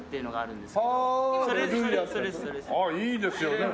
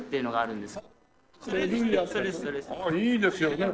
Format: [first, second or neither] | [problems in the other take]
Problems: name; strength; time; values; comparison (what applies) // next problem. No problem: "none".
first | noise reduction (neural separator model SepFormer DNS4)